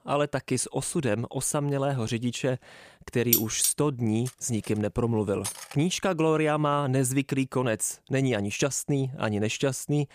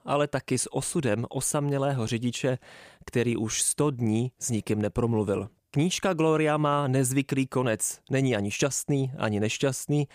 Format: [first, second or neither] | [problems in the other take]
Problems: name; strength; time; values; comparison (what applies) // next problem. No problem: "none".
second | clattering dishes; loud; at 3.5 s; peak 4 dB above the speech // clattering dishes; noticeable; from 4.5 to 5.5 s; peak 8 dB below the speech